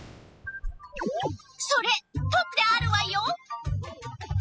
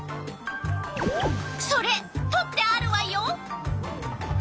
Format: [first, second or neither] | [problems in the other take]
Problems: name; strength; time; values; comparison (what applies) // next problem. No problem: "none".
second | noise reduction (classical method spectral subtraction)